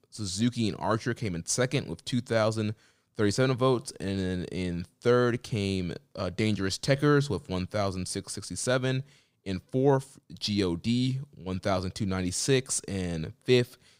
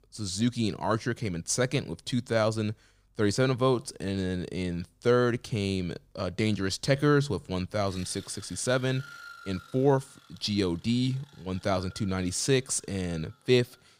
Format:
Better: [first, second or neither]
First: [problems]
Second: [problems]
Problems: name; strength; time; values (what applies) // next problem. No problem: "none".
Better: first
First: none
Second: machinery noise; faint; throughout; 20 dB below the speech